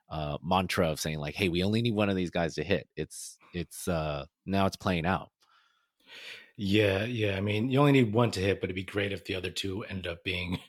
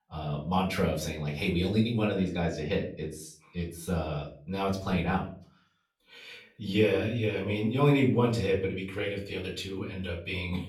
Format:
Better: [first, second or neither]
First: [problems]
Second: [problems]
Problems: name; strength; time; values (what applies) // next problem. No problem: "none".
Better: first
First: none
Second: off-mic speech; far // room echo; slight; dies away in 0.4 s